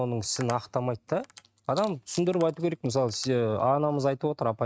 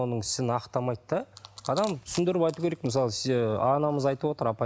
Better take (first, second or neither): second